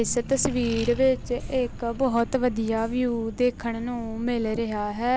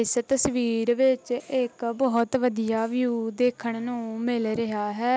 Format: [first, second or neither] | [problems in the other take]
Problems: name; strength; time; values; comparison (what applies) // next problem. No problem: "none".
second | background sound (Accelerating, revving, vroom); 12 dB below the speech